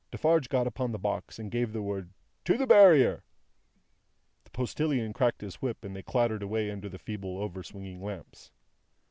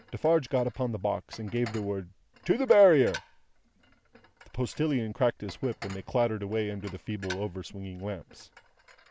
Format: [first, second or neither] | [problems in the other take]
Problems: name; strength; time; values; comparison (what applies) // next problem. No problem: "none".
first | background sound (Dishes, pots, and pans); 20 dB below the speech